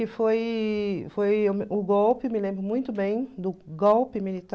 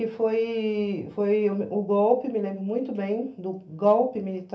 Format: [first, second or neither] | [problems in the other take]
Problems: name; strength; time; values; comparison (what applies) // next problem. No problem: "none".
first | room echo; dies away in 0.3 s